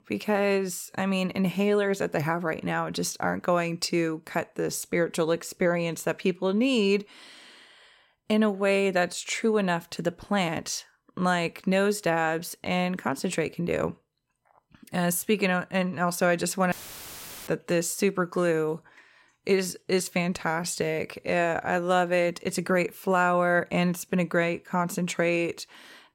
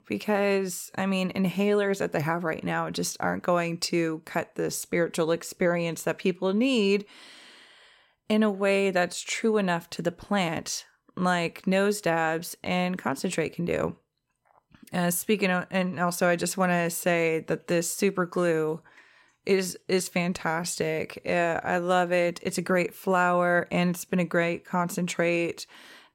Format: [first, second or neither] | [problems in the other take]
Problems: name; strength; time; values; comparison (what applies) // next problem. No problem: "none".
second | audio cutting out; filled with static; at 17 s for 1 s